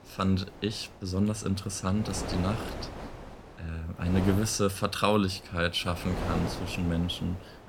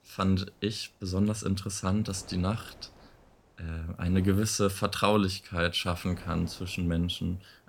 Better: second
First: wind noise on the microphone; heavy; 9 dB below the speech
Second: wind noise on the microphone; occasional gusts; 25 dB below the speech

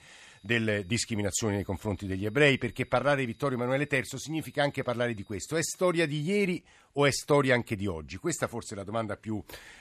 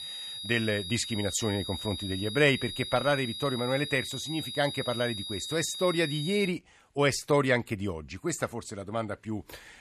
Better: first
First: high-pitched whine; faint; until 6.5 s; 4 kHz, 35 dB below the speech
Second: high-pitched whine; loud; until 6.5 s; 4 kHz, 6 dB below the speech

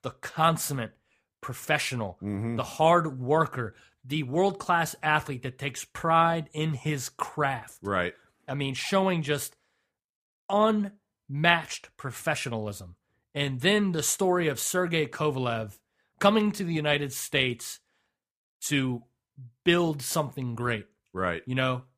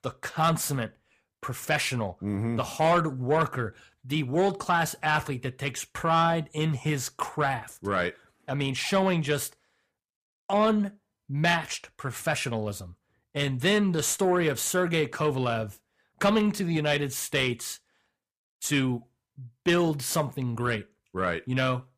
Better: first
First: none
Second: distortion; slight; 10 dB below the speech

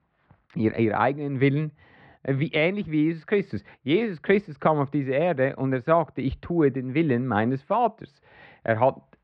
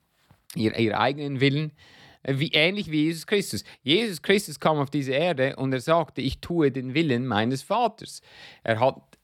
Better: second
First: muffled; very; fading above 2 kHz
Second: none

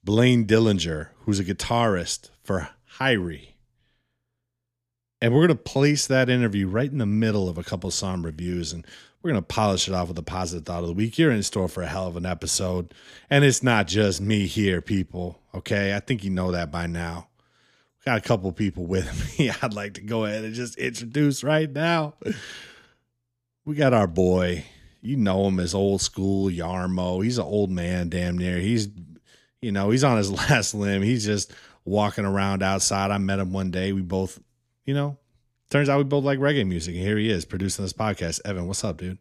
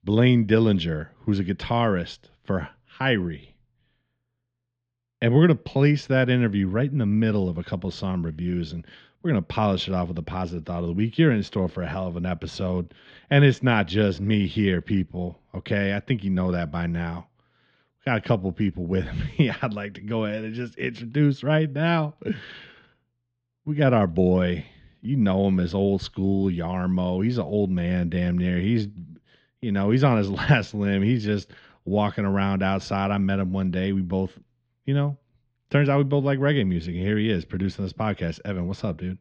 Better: first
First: none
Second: muffled; slightly; fading above 4 kHz

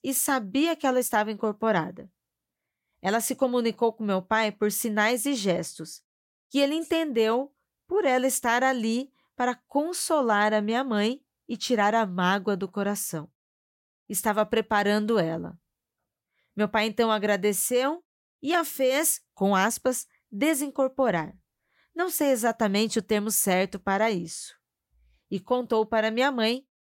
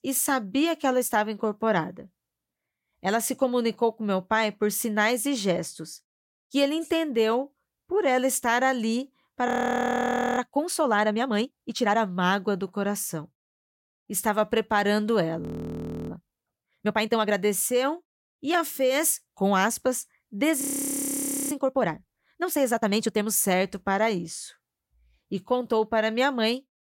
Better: first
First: none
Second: audio freezing; at 9.5 s for 1 s, at 15 s for 0.5 s and at 21 s for 1 s

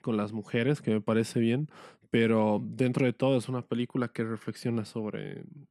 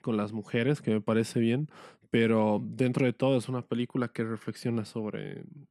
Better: neither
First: none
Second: none

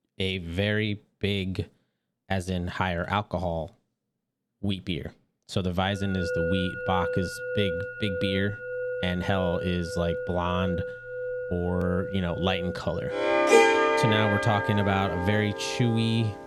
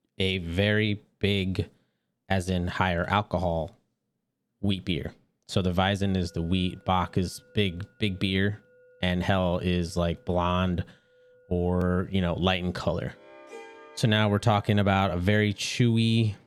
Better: second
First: background music; loud; from 6 s on; as loud as the speech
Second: background music; faint; from 6 s on; 30 dB below the speech

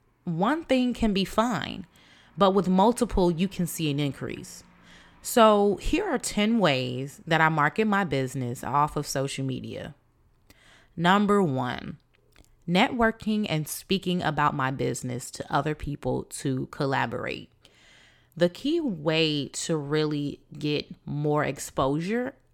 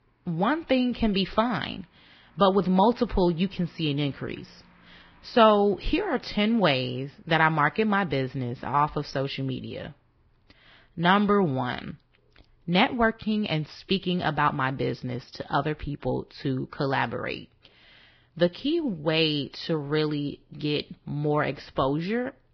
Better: first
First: none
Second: garbled, watery; badly; nothing above 5 kHz

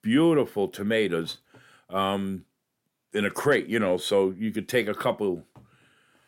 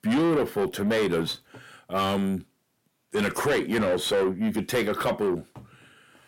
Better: first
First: none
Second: distortion; heavy; 7 dB below the speech

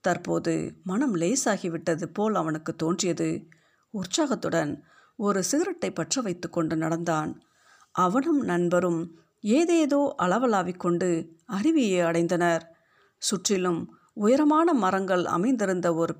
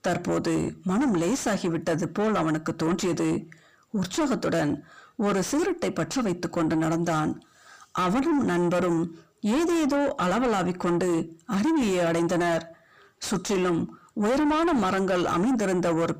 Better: first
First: none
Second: distortion; heavy; 7 dB below the speech

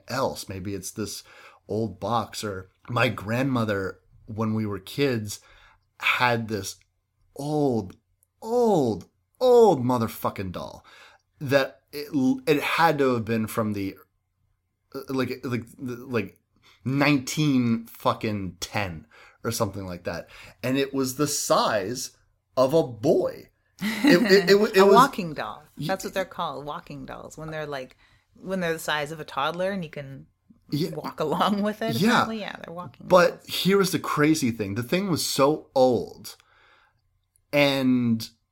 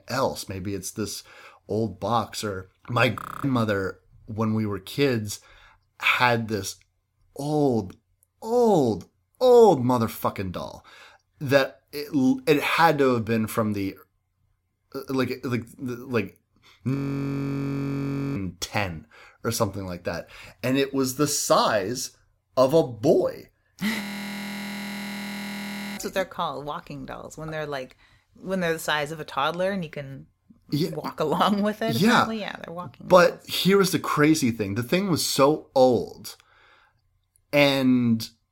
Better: first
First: none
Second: audio freezing; at 3 s, at 17 s for 1.5 s and at 24 s for 2 s

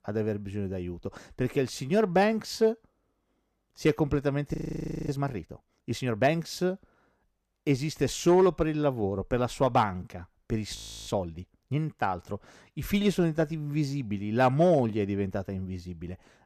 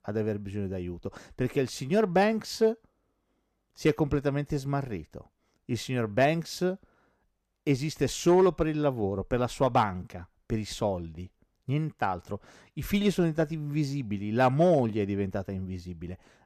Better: second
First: audio freezing; at 4.5 s for 0.5 s and at 11 s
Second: none

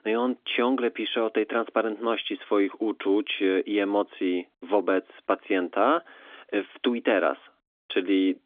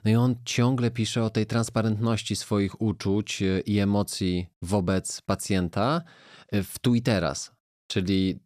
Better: second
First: phone-call audio; nothing above 3.5 kHz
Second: none

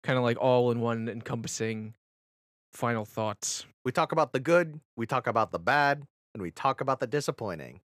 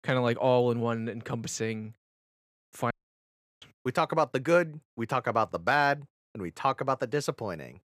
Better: first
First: none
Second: audio cutting out; at 3 s for 0.5 s

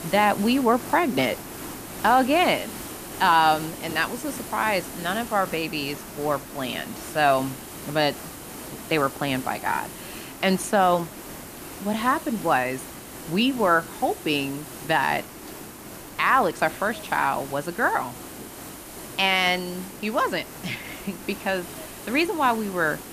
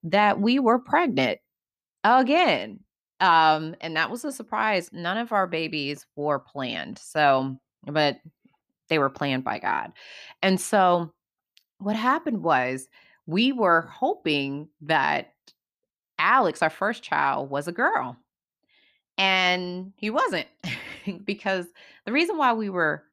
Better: second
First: hiss; noticeable; throughout; 15 dB below the speech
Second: none

